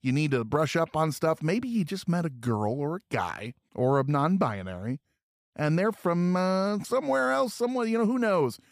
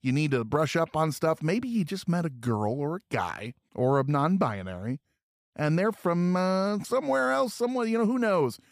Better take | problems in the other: neither | none

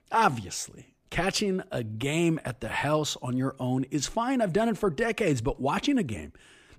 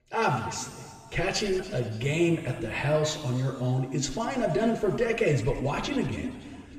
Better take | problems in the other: first | room echo; noticeable; dies away in 2 s // off-mic speech; somewhat distant

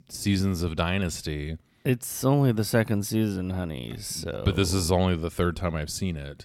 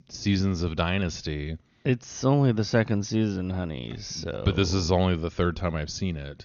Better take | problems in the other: first | garbled, watery; slightly; nothing above 6.5 kHz

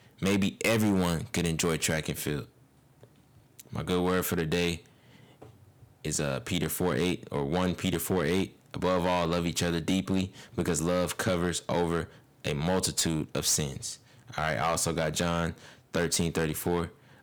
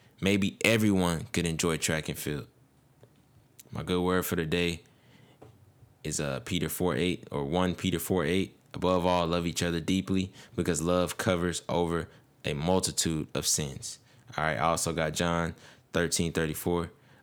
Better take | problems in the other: second | distortion; slight; 5% of the sound clipped

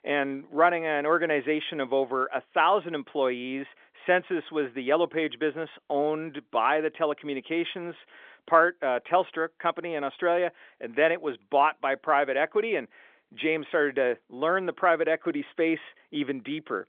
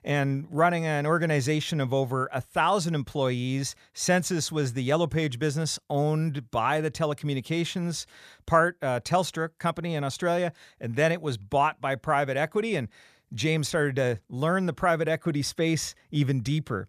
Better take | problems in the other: second | phone-call audio; nothing above 3.5 kHz

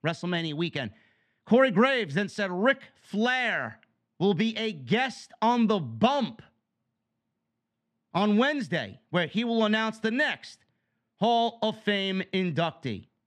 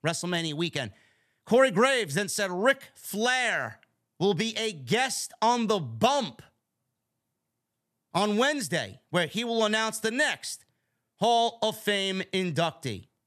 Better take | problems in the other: second | muffled; slightly; fading above 3 kHz

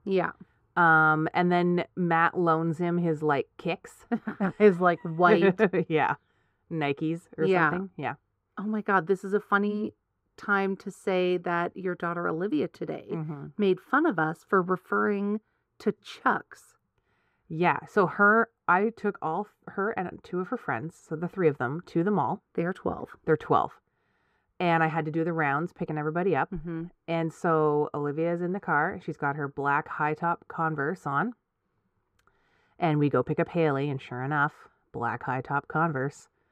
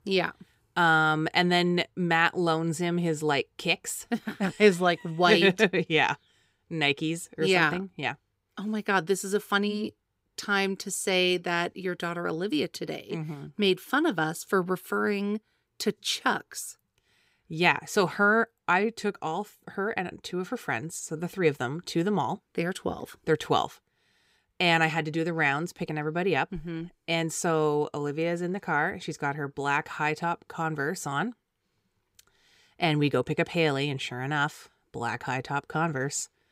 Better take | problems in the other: second | muffled; very; fading above 2.5 kHz

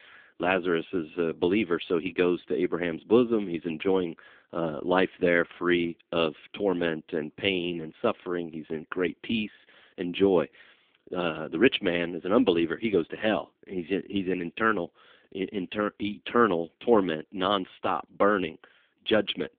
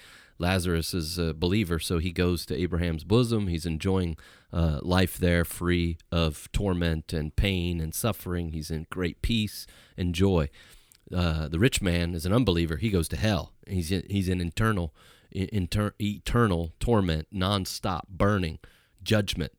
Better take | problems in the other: second | phone-call audio; poor line; nothing above 3.5 kHz

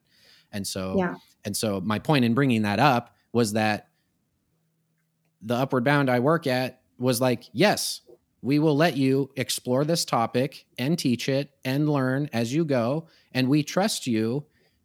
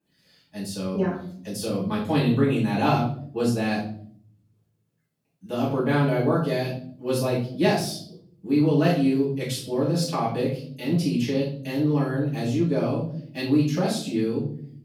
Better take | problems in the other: first | off-mic speech; far // room echo; noticeable; dies away in 0.7 s

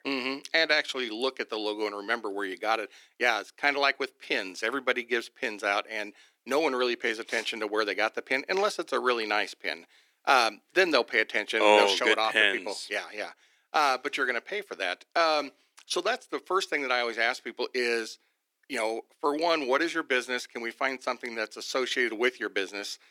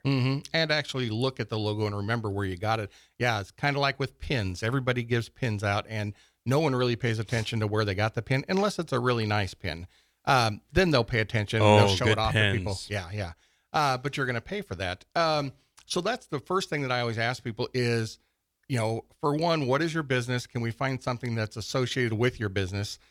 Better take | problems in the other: second | thin; very; fading below 300 Hz

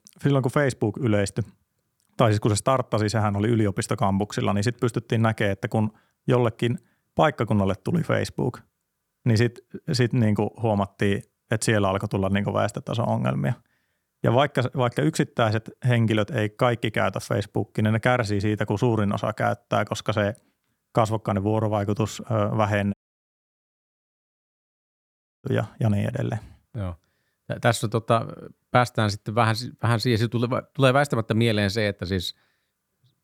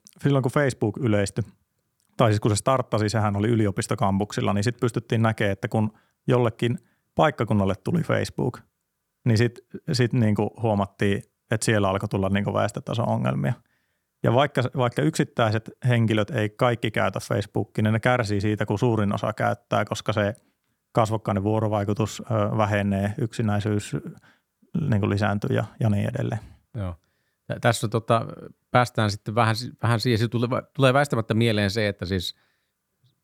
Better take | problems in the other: second | audio cutting out; at 23 s for 2.5 s

